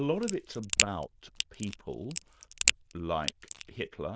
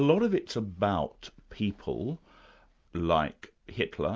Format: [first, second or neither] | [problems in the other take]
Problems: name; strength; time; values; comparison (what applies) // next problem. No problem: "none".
second | noise reduction (neural diffusion model UNIVERSE++)